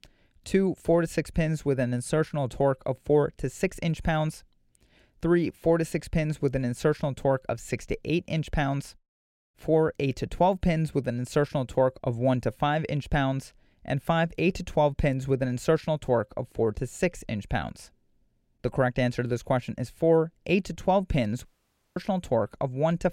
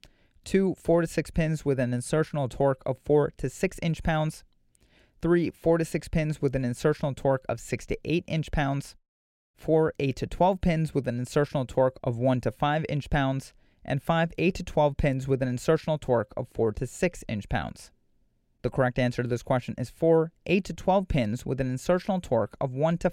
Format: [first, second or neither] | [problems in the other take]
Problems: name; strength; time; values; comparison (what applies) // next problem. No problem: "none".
second | audio cutting out; at 21 s for 0.5 s